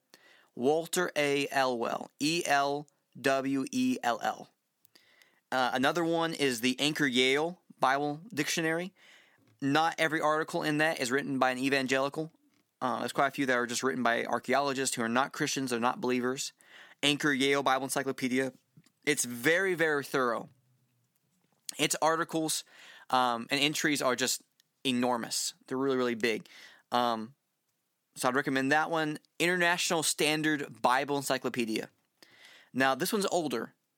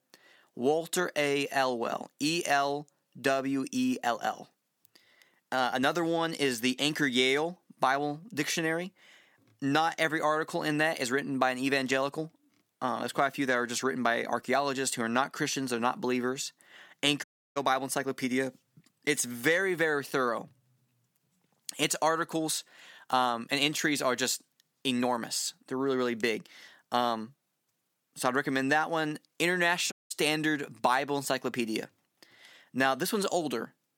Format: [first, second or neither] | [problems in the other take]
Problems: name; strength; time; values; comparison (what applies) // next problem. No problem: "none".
first | audio cutting out; at 17 s and at 30 s